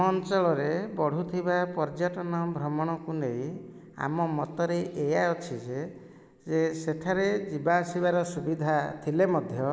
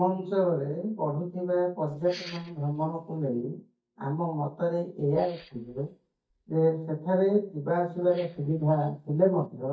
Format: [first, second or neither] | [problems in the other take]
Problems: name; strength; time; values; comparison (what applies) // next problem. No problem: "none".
first | noise reduction (neural mask model DeepFilterNet 3)